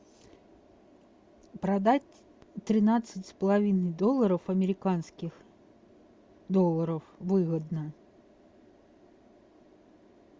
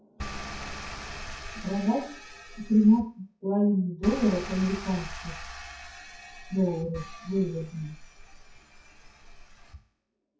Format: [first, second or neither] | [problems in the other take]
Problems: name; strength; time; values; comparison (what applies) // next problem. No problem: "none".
first | noise reduction (classical method WPE with log-MMSE)